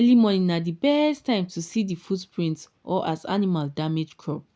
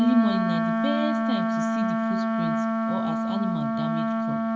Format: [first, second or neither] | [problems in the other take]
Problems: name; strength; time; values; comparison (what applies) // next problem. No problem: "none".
first | background sound (Wind instrument, woodwind instrument); 4 dB above the speech // room echo; dies away in 0.9 s